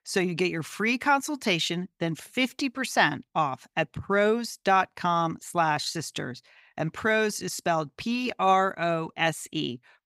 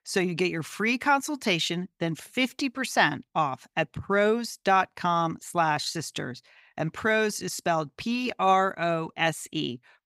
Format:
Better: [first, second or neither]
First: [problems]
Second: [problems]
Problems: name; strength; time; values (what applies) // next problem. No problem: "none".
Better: neither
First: none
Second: none